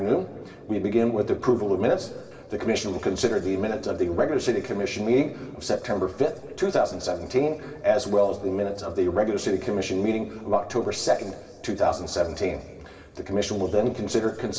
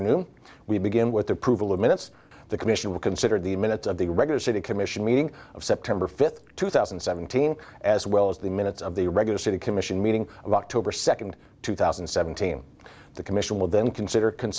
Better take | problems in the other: second | room echo; dies away in 2 s

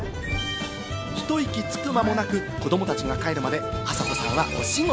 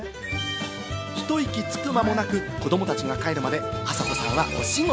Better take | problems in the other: second | background sound (Thunder); 13 dB below the speech

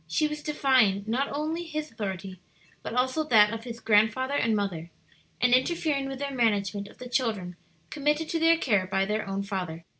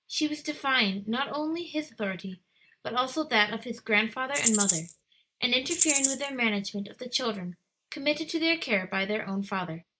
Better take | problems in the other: first | noise reduction (neural mask model Resemble Enhance denoiser)

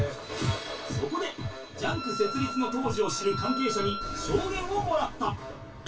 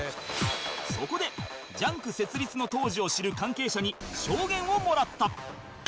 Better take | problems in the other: second | background sound (Wind instrument, woodwind instrument); 7 dB below the speech // room echo; dies away in 0.2 s

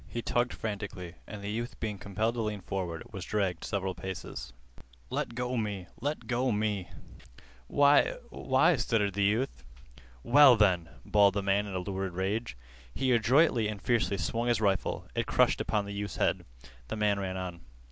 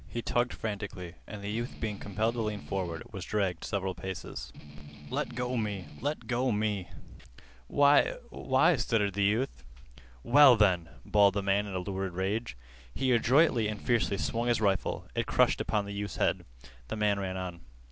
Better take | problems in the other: first | background sound (Strum); 14 dB below the speech

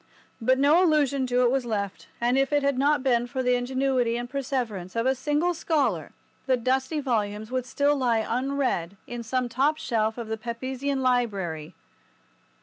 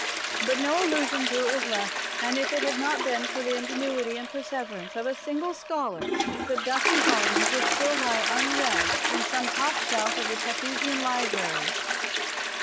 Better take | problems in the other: first | background sound (Toilet flush); 2 dB above the speech

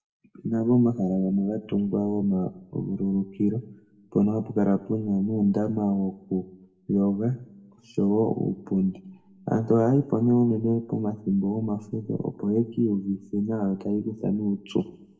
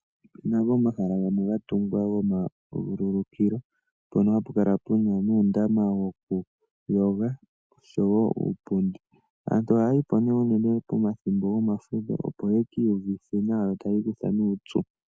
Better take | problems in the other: second | room echo; dies away in 0.5 s

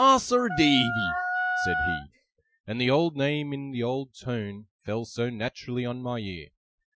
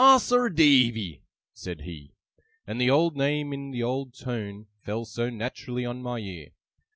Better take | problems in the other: second | noise reduction (classical method Wiener filter)

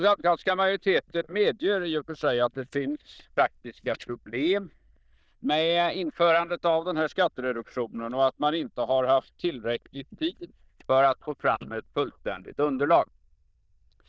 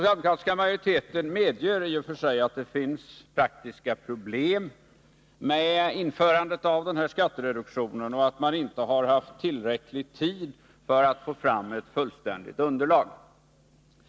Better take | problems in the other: second | noise reduction (neural diffusion model UNIVERSE++)

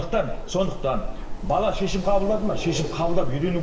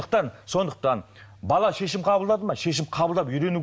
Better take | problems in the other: second | background sound (Wind); 1 dB below the speech // room echo; dies away in 1.1 s

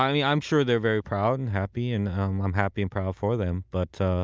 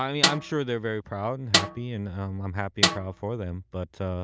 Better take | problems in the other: first | background sound (Snare drum); 3 dB above the speech

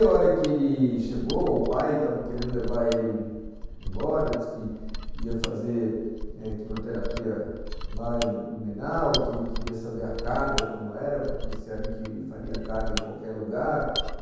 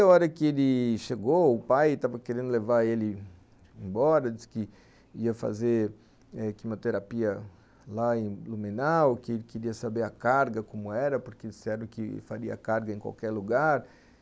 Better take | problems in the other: second | background sound (Mechanisms); 6 dB below the speech // room echo; dies away in 1.2 s

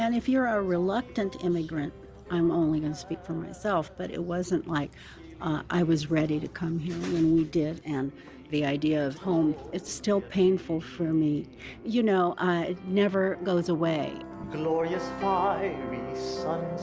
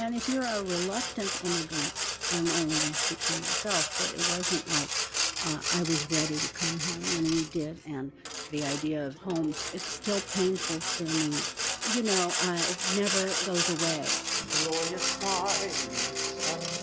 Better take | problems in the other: first | background sound (Sawing); 1 dB above the speech

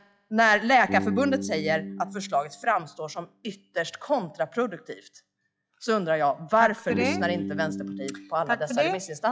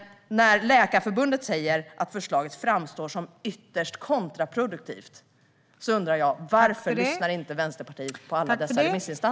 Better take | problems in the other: second | noise reduction (classical method log-MMSE)

